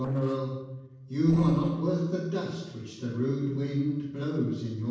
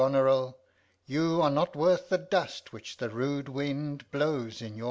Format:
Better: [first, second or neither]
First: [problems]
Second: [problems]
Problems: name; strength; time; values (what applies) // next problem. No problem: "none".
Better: second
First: noise reduction (neural separator model SepFormer DNS4)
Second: none